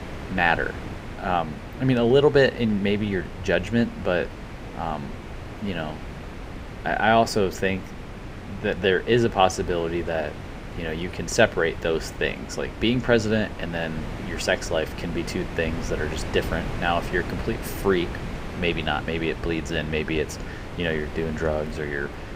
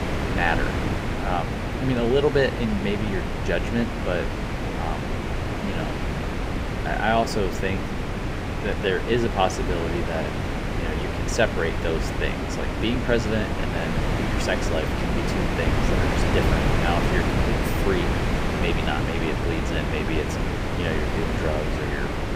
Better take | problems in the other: first | wind noise on the microphone; heavy; 1 dB below the speech; occasional gusts in the first

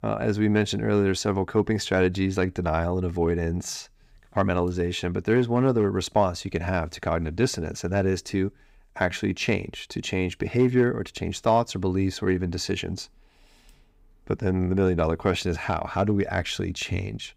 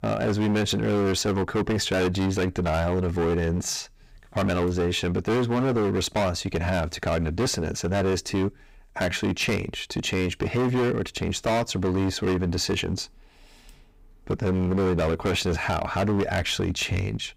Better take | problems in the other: first | distortion; heavy; 20% of the sound clipped

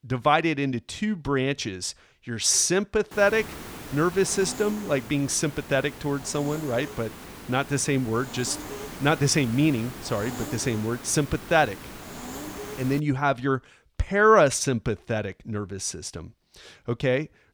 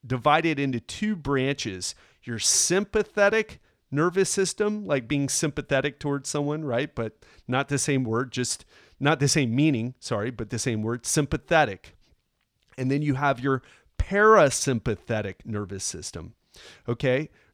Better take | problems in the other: second | hiss; noticeable; from 3 to 13 s; 15 dB below the speech

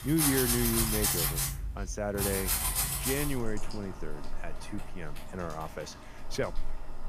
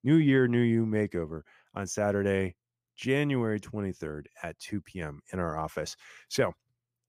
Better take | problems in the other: second | household noises; very loud; throughout; 6 dB above the speech

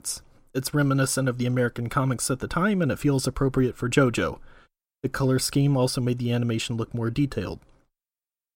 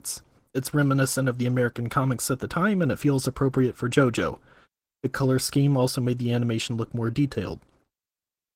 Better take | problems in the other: first | garbled, watery; slightly; nothing above 16 kHz

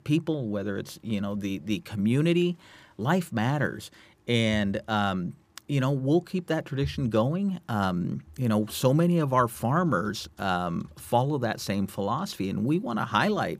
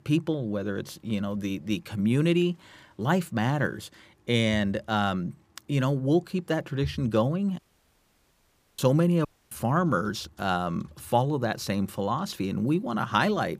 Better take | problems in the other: first | audio cutting out; at 7.5 s for 1 s and at 9.5 s

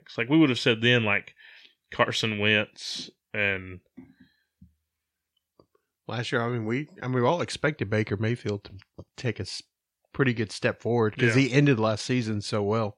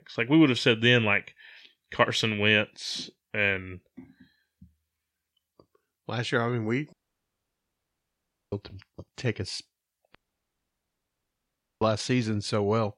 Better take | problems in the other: first | audio cutting out; at 7 s for 1.5 s and at 10 s for 1.5 s

